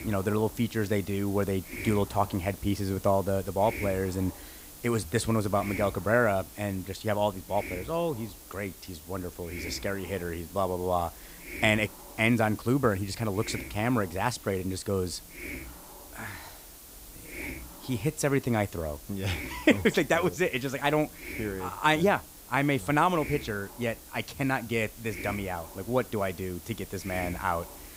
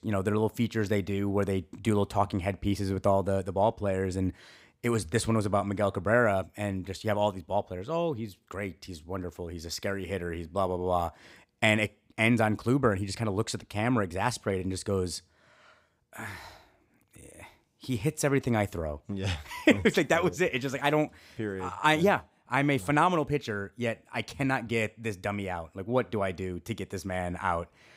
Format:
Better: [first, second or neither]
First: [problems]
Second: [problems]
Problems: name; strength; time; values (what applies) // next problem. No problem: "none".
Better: second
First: hiss; noticeable; throughout; 15 dB below the speech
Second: none